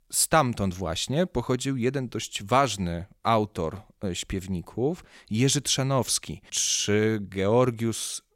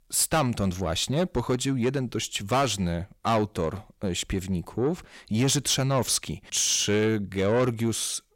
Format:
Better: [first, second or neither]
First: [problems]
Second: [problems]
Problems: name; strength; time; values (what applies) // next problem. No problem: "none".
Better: first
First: none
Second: distortion; slight; 10 dB below the speech